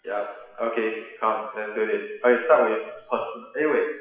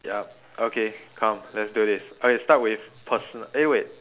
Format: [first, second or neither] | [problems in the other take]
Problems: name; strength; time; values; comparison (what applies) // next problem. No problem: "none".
second | noise reduction (classical method WPE with log-MMSE)